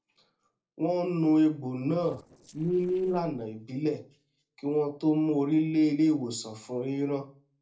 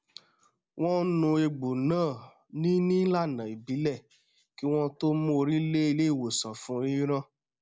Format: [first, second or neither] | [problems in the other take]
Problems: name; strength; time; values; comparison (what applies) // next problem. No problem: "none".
second | noise reduction (neural separator model SepFormer DNS4)